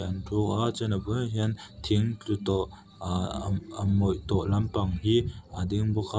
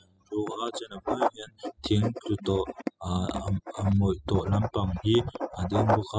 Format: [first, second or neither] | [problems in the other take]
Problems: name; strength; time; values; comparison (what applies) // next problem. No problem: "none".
first | noise reduction (classical method spectral subtraction)